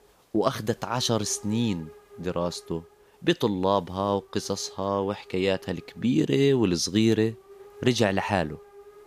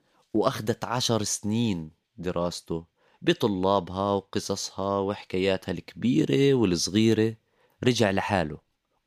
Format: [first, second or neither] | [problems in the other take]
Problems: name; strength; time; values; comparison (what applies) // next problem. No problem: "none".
second | hiss; faint; throughout; 25 dB below the speech